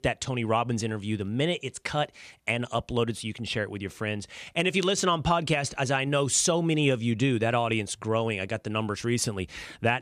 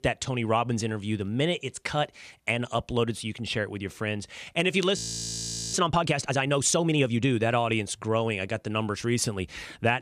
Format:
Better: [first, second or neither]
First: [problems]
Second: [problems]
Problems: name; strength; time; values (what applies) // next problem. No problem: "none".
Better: first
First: none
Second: audio freezing; at 5 s for 1 s